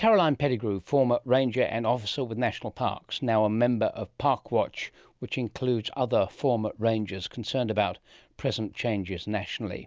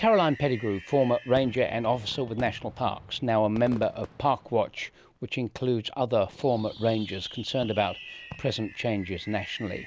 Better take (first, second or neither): first